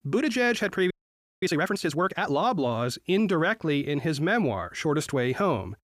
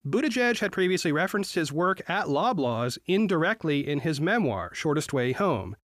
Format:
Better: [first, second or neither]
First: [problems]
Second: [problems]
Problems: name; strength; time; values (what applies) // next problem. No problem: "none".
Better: second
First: audio freezing; at 1 s for 0.5 s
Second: none